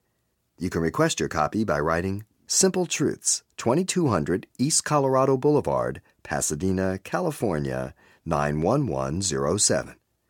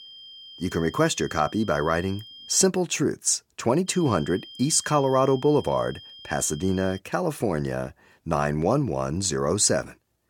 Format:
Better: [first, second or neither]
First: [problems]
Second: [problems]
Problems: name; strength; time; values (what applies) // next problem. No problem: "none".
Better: first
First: none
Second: high-pitched whine; noticeable; until 2.5 s and from 4 to 7 s; 3 kHz, 20 dB below the speech